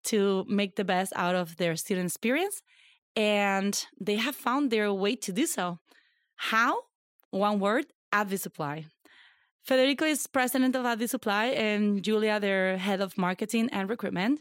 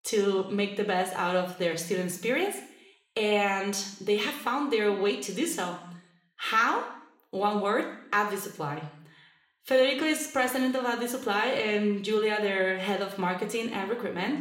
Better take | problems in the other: first | room echo; slight; dies away in 0.7 s

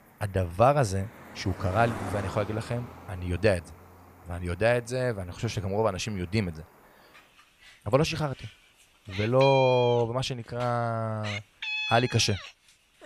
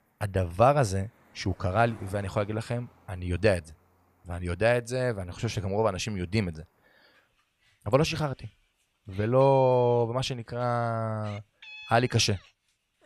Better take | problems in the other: second | animal sounds; loud; throughout; 9 dB below the speech; faint in the second

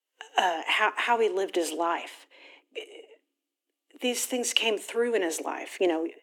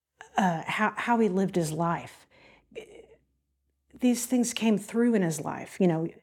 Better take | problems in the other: second | thin; very; fading below 300 Hz

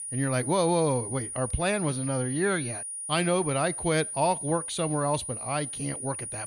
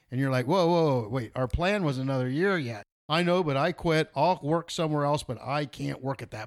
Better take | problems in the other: second | high-pitched whine; loud; throughout; 9.5 kHz, 5 dB below the speech

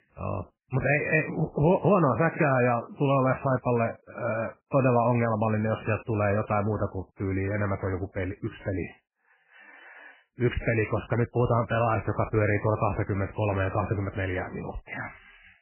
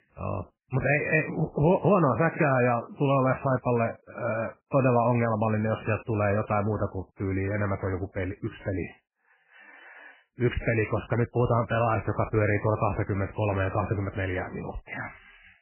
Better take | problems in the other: neither | garbled, watery; badly; nothing above 2.5 kHz; the same in both

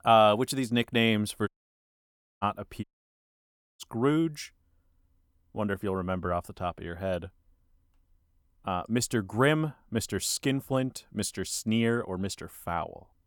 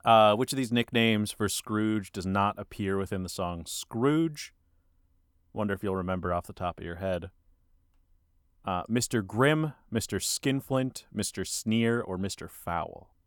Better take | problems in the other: second | audio cutting out; at 1.5 s for 1 s and at 3 s for 1 s

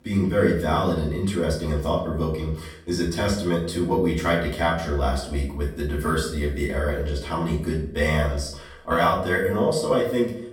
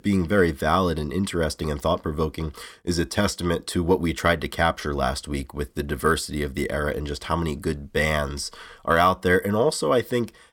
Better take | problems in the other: second | off-mic speech; far // room echo; noticeable; dies away in 0.5 s

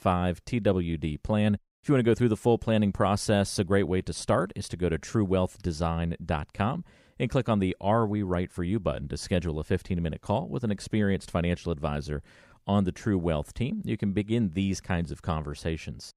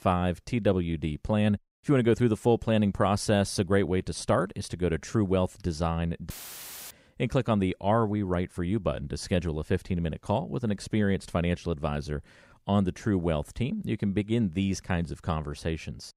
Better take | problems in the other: first | audio cutting out; filled with static; at 6.5 s for 0.5 s

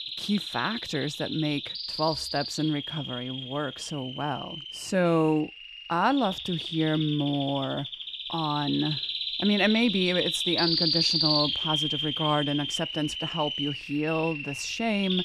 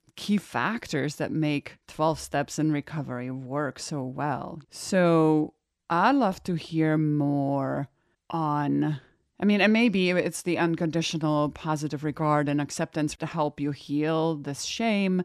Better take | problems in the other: second | animal sounds; loud; throughout; 1 dB below the speech

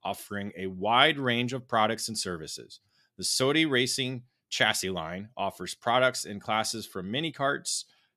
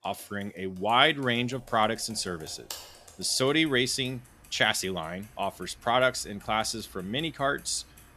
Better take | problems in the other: first | household noises; faint; throughout; 20 dB below the speech

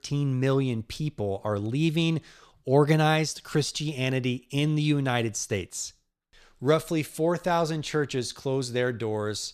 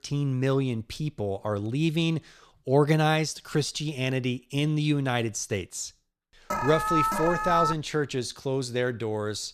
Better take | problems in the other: first | alarm; loud; from 6.5 to 8 s; peak 2 dB above the speech

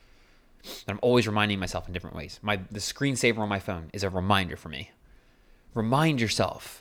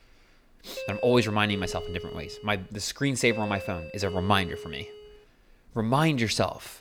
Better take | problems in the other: first | doorbell; noticeable; from 1 to 5 s; peak 9 dB below the speech

